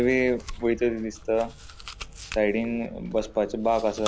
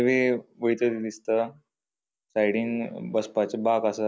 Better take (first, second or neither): second